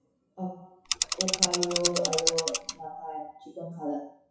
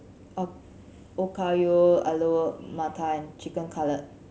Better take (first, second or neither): second